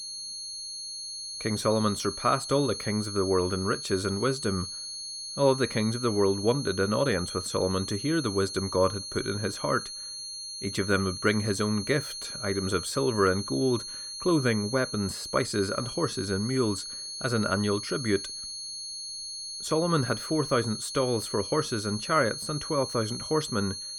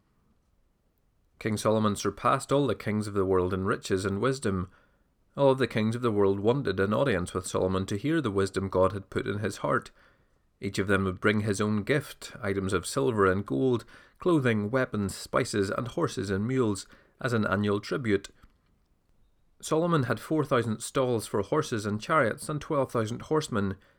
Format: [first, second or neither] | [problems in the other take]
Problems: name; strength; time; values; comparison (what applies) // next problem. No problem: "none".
second | high-pitched whine; loud; throughout; 4.5 kHz, 7 dB below the speech